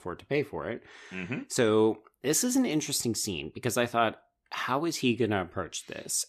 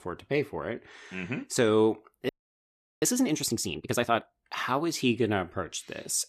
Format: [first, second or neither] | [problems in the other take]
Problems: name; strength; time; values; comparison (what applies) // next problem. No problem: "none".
first | audio freezing; at 2.5 s for 0.5 s